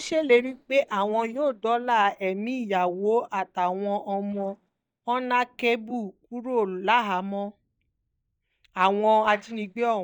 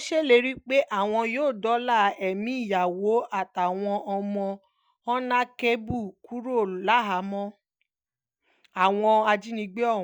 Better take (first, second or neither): second